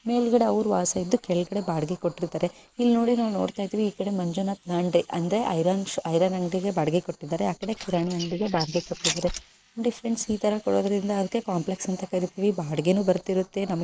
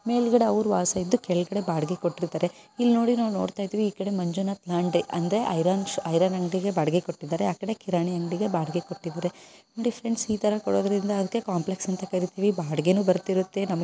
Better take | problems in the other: second | noise reduction (neural mask model Resemble Enhance denoiser)

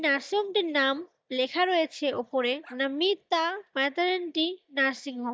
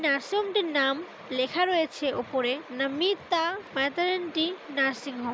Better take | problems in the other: second | noise reduction (neural mask model DeepFilterNet 3)

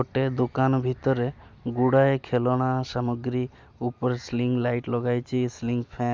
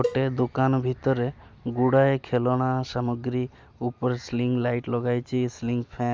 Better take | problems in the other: first | background sound (Cowbell); 10 dB below the speech

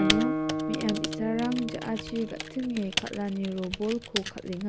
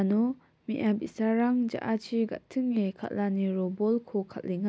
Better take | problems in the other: second | background sound (Guitar + Typing); 1 dB below the speech

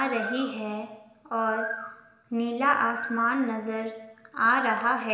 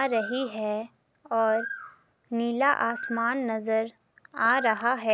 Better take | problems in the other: second | room echo; dies away in 1 s

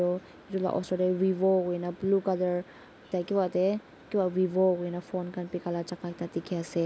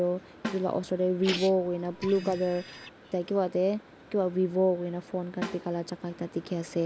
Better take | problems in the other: first | background sound (Snare drum + Printer); 11 dB below the speech

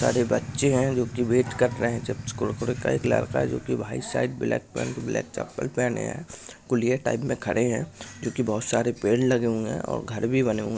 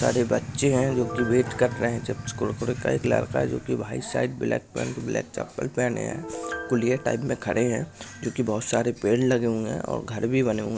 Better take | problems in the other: first | background sound (Piano); 17 dB below the speech

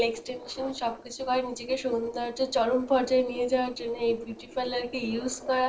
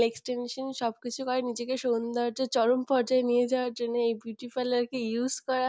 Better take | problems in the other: second | noise reduction (neural separator model SepFormer DNS4)

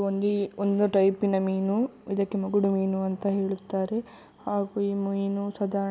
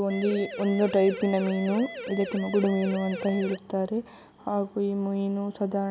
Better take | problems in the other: first | background sound (Siren); 11 dB below the speech

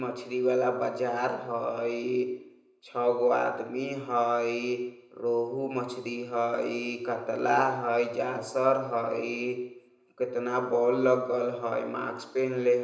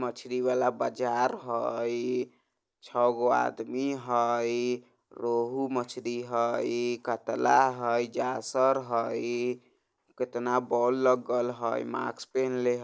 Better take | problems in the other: second | room echo; dies away in 0.9 s

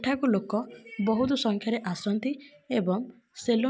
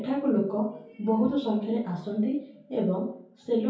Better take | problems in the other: first | room echo; dies away in 0.6 s

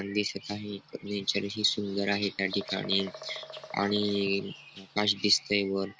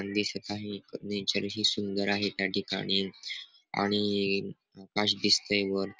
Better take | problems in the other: second | background sound (Bird vocalization, bird call, bird song); 17 dB below the speech

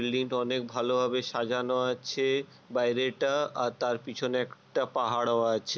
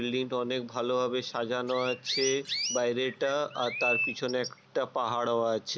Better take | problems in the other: first | background sound (Chirp, tweet); 5 dB below the speech

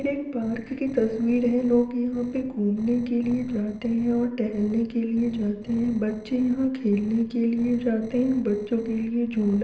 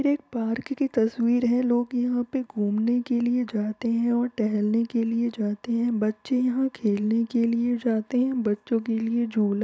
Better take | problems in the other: second | noise reduction (neural separator model SepFormer DNS4)

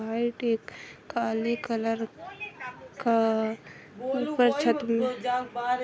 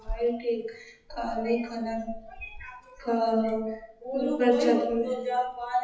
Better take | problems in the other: first | noise reduction (classical method WPE with log-MMSE)

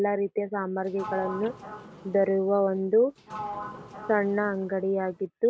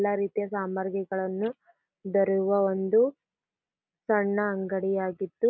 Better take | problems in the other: second | background sound (Sliding door); 13 dB below the speech

